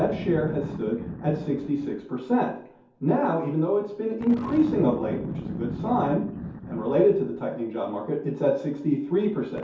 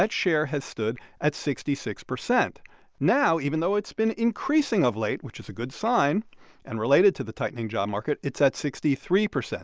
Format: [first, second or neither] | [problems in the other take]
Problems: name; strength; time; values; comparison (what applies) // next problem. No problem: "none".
second | background sound (Boom); 11 dB below the speech // room echo; dies away in 0.6 s